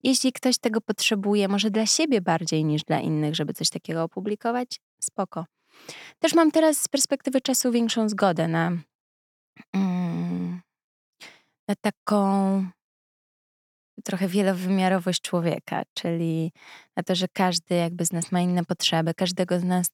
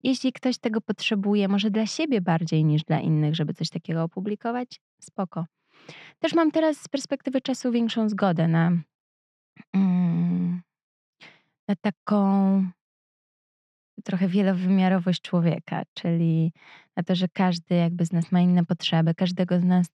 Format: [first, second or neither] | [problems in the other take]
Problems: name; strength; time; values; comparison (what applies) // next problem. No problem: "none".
first | muffled; very slightly; fading above 3.5 kHz